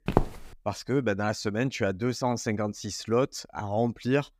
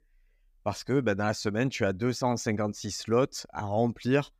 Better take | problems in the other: second | footsteps; loud; at the start; peak 1 dB above the speech

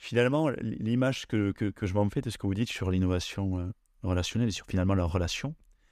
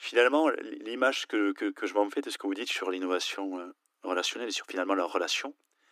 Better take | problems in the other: first | thin; somewhat; fading below 300 Hz

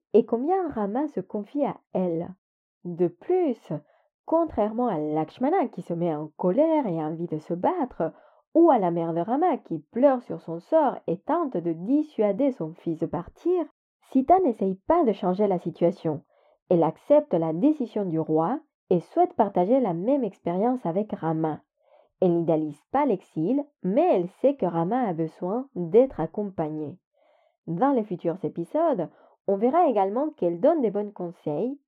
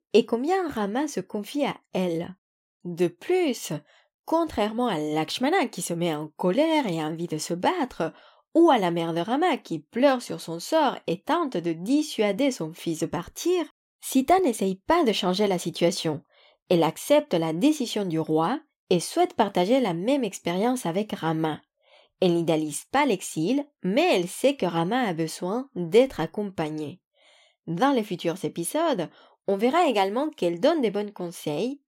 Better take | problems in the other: second | muffled; very; fading above 2.5 kHz

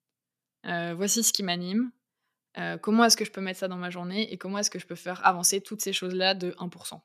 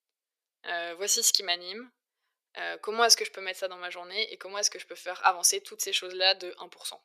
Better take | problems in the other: first | thin; very; fading below 450 Hz

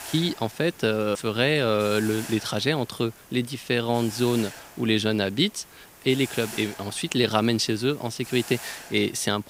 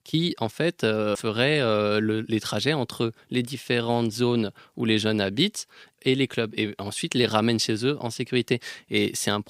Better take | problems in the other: second | hiss; noticeable; throughout; 15 dB below the speech

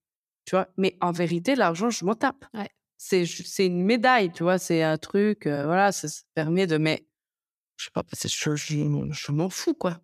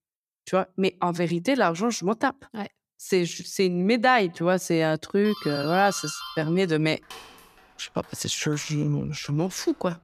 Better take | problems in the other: first | doorbell; noticeable; from 5.5 s on; peak 9 dB below the speech

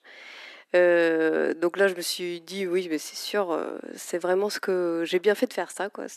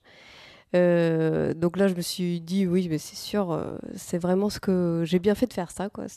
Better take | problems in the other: second | thin; somewhat; fading below 250 Hz

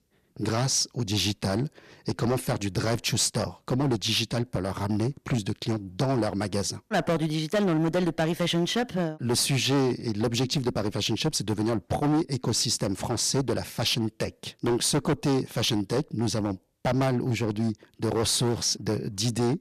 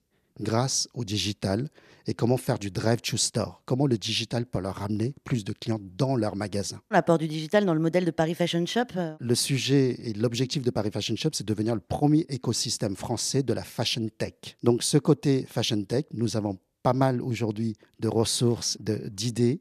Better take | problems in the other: second | distortion; heavy; 12% of the sound clipped

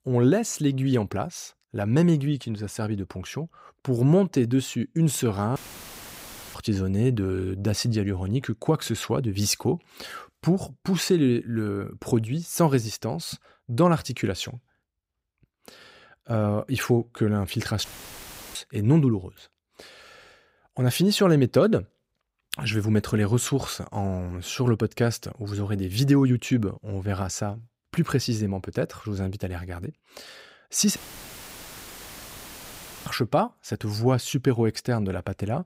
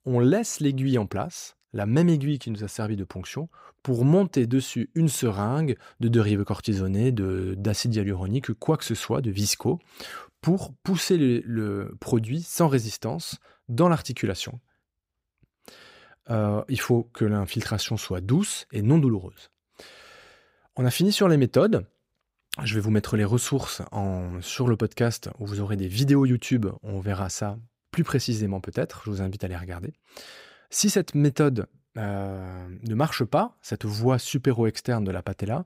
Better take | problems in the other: second | audio cutting out; filled with static; at 5.5 s for 1 s, at 18 s for 0.5 s and at 31 s for 2 s

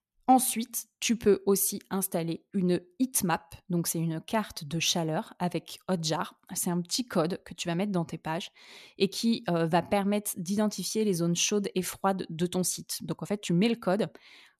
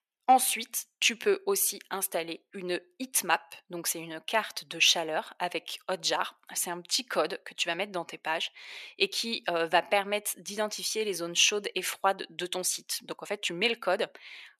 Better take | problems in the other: first | thin; very; fading below 500 Hz

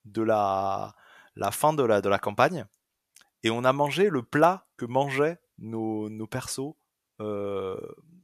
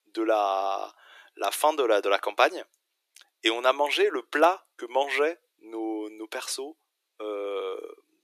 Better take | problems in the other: first | thin; very; fading below 300 Hz

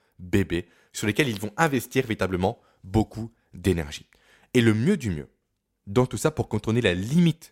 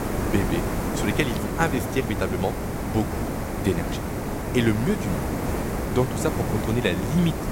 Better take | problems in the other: first | hiss; loud; throughout; 2 dB below the speech

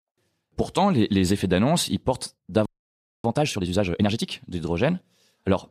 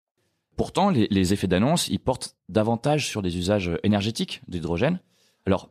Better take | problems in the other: second | audio freezing; at 2.5 s for 0.5 s

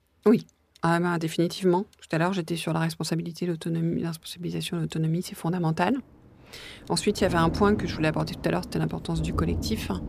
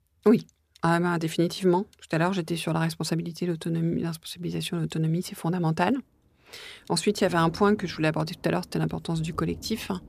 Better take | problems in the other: second | rain or running water; loud; throughout; 8 dB below the speech; faint in the second

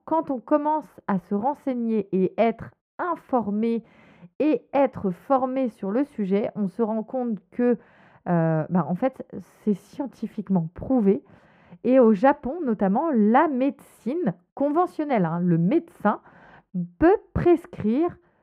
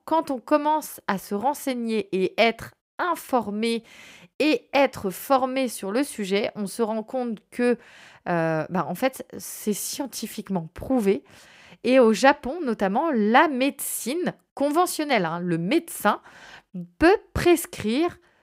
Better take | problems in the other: second | muffled; very; fading above 2.5 kHz

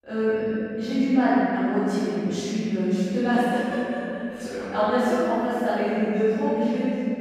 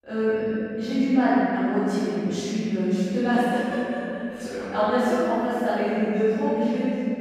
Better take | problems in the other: neither | off-mic speech; far; the same in both // room echo; strong; dies away in 3 s; the same in both

